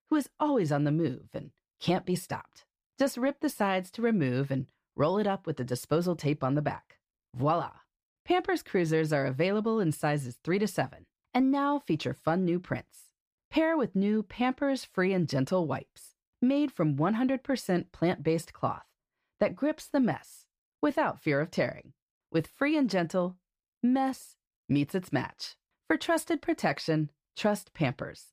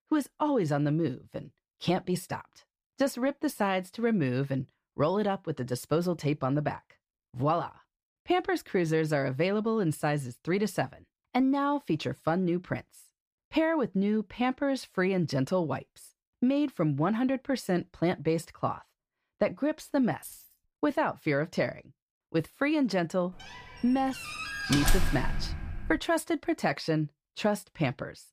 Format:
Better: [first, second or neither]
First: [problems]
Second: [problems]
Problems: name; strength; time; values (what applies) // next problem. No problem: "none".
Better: first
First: none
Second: jangling keys; faint; at 20 s; peak 15 dB below the speech // door banging; loud; from 24 to 26 s; peak 2 dB above the speech